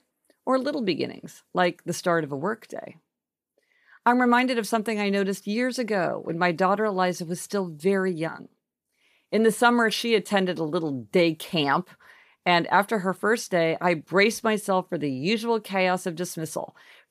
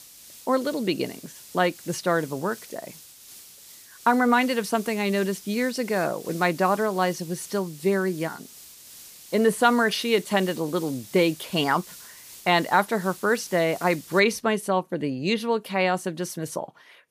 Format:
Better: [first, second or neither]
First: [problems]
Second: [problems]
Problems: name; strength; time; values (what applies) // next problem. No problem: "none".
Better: first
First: none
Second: hiss; noticeable; until 14 s; 20 dB below the speech